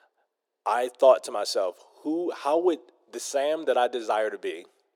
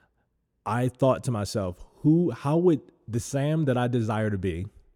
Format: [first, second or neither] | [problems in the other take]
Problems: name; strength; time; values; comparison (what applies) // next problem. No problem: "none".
second | thin; very; fading below 350 Hz